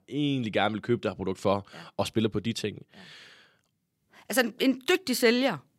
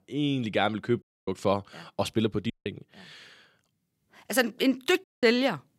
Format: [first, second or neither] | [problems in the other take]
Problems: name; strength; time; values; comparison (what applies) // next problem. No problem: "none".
first | audio cutting out; at 1 s, at 2.5 s and at 5 s